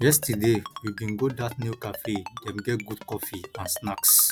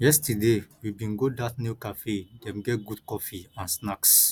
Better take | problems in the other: second | background sound (Ringtone); 14 dB below the speech

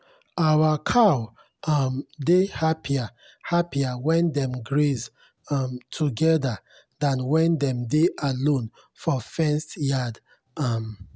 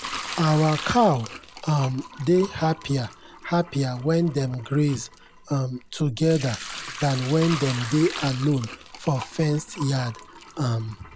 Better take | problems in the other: first | background sound (Sink (filling or washing) / Liquid); 13 dB below the speech

